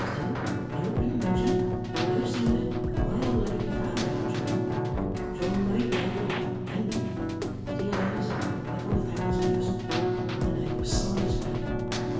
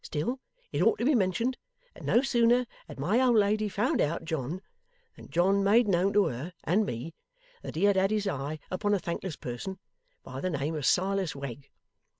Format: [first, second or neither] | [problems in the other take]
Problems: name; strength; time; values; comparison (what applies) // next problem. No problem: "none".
second | background sound (Keyboard (musical)); 5 dB above the speech // room echo; dies away in 0.6 s